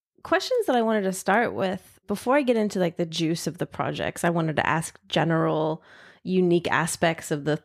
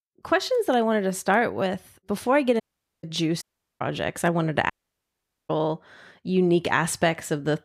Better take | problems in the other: first | audio cutting out; at 2.5 s, at 3.5 s and at 4.5 s for 1 s

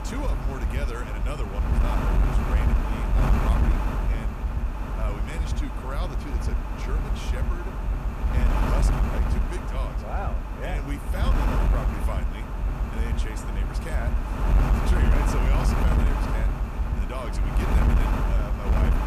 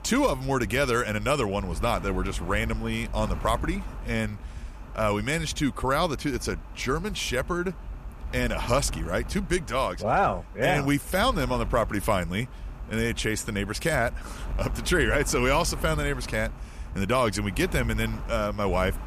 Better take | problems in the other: second | wind noise on the microphone; heavy; 4 dB above the speech; occasional gusts in the second

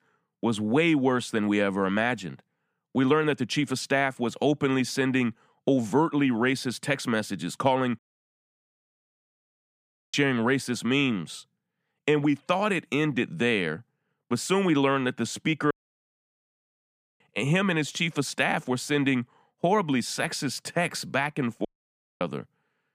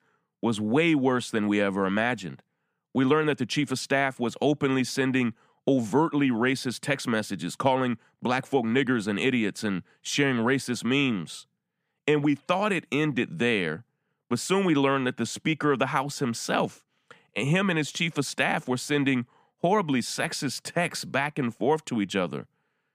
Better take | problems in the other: second | audio cutting out; at 8 s for 2 s, at 16 s for 1.5 s and at 22 s for 0.5 s

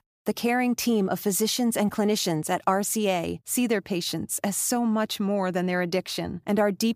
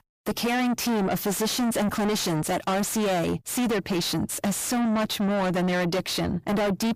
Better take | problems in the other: first | distortion; heavy; 6 dB below the speech

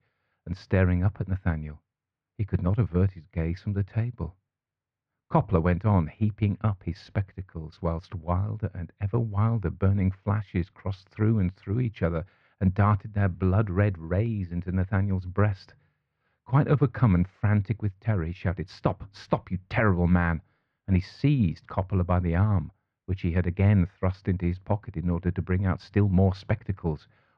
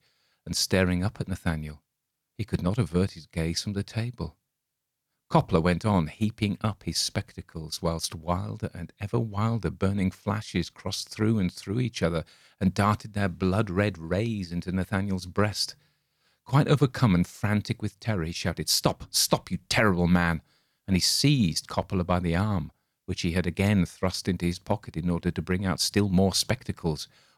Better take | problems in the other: second | muffled; very; fading above 2 kHz

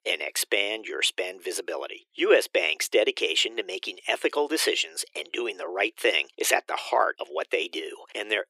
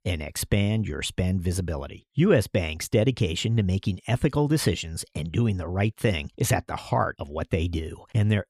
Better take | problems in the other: second | thin; very; fading below 350 Hz

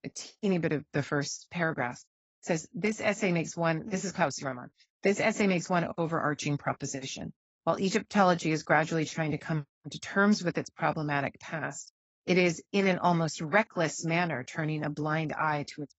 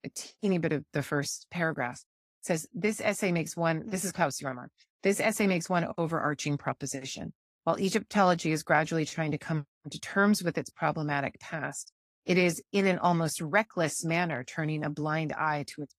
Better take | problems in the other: second | garbled, watery; badly; nothing above 7.5 kHz; slightly in the second

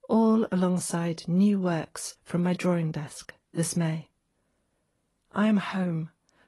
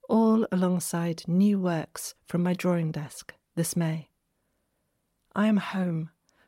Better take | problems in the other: second | garbled, watery; slightly; nothing above 11 kHz

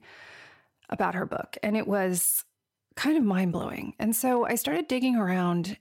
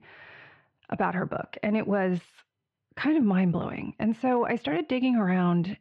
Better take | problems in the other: first | muffled; very; fading above 3.5 kHz

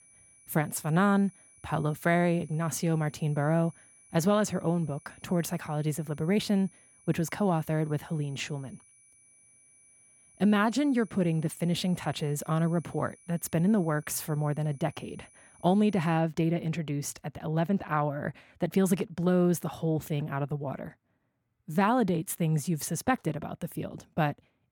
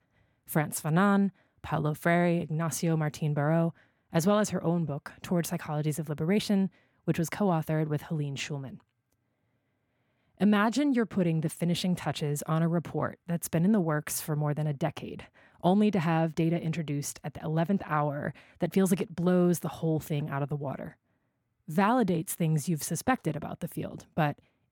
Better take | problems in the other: second | high-pitched whine; faint; until 16 s; 10 kHz, 25 dB below the speech

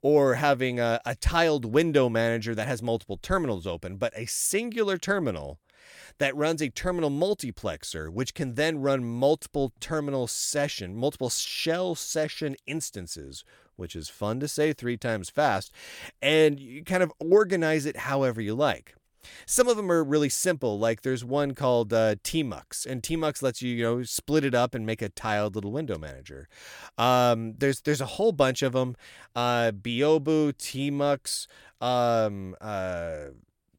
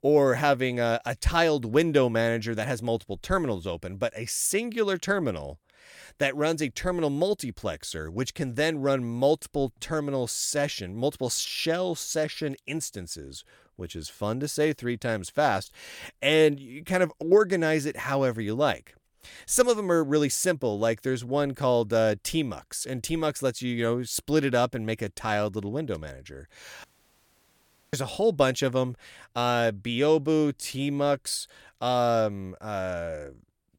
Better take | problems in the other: first | audio cutting out; at 27 s for 1 s

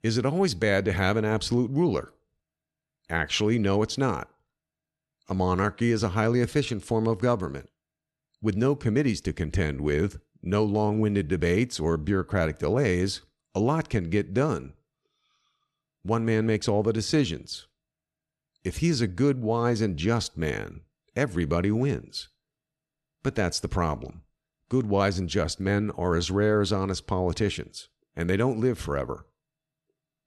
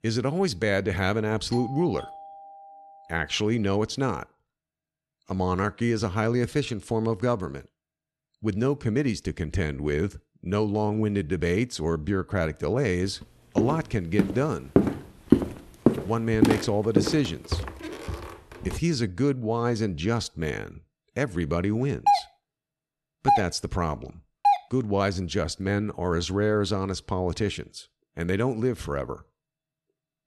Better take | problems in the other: first | doorbell; noticeable; from 1.5 to 3 s; peak 10 dB below the speech // footsteps; loud; from 14 to 18 s; peak 4 dB above the speech // doorbell; loud; from 22 to 25 s; peak 4 dB above the speech

